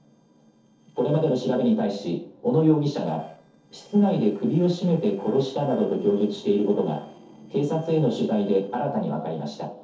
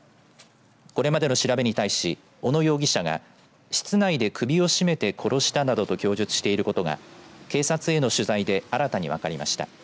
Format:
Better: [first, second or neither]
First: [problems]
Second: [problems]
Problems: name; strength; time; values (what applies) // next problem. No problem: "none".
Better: second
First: noise reduction (neural separator model SepFormer DNS4)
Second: none